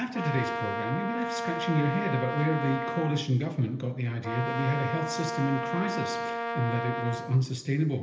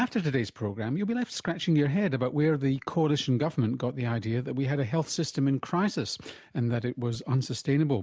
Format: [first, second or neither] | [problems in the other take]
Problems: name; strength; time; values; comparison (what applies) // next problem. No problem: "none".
second | background sound (Brass instrument); 4 dB below the speech // room echo; dies away in 1.4 s